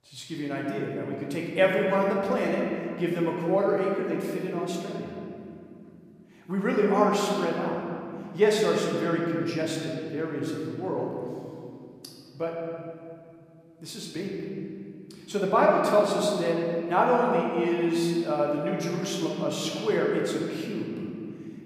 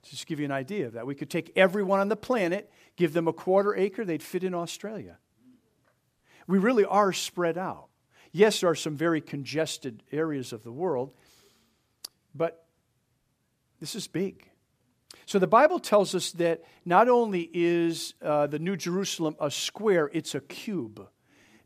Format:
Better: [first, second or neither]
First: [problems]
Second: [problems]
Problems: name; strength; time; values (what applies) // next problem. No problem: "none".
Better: second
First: room echo; noticeable; dies away in 2.6 s // off-mic speech; somewhat distant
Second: none